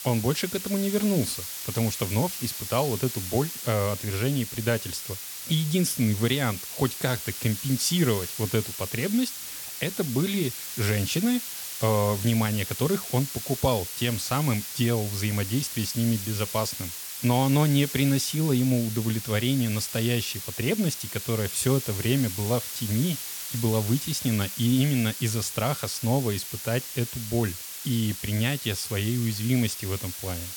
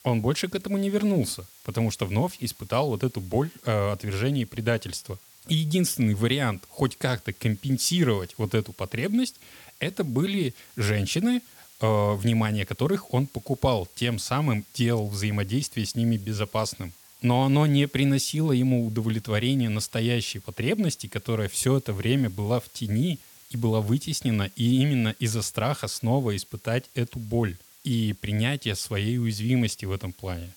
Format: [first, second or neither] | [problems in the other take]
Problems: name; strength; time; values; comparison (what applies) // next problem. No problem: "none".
second | hiss; loud; throughout; 6 dB below the speech; faint in the second